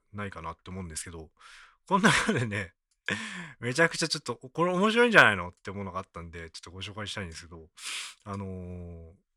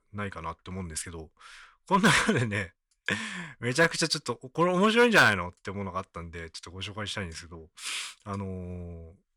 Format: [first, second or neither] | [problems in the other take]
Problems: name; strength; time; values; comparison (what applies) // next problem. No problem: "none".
first | distortion; slight; 0.9% of the sound clipped